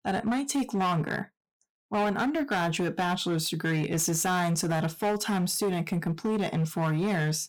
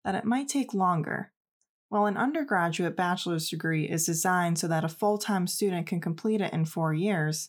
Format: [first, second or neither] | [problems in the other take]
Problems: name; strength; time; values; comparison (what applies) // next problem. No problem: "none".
second | distortion; slight; 18% of the sound clipped